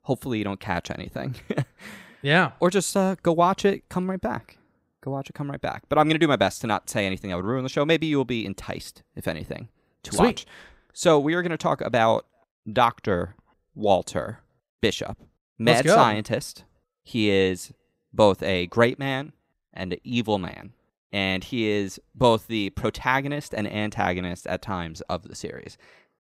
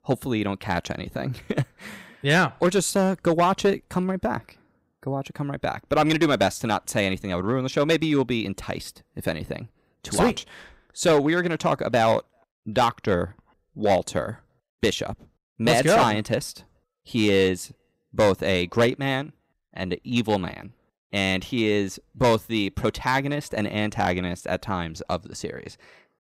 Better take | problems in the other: first | distortion; slight; 3% of the sound clipped

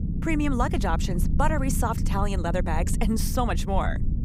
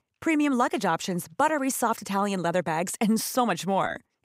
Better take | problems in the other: second | low rumble; noticeable; throughout; 10 dB below the speech

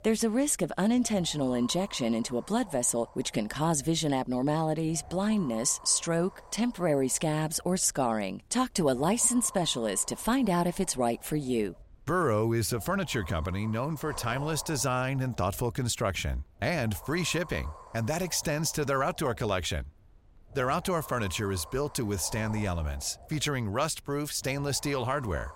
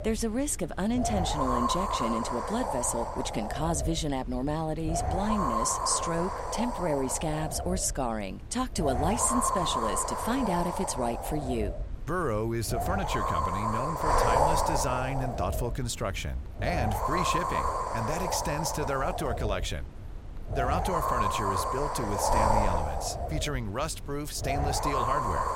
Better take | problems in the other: first | wind noise on the microphone; heavy; 4 dB above the speech; occasional gusts in the first

